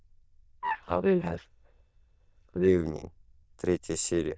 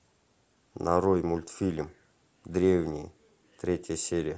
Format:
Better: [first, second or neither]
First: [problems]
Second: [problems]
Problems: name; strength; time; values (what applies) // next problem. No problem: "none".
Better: second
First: noise reduction (neural diffusion model UNIVERSE++)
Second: none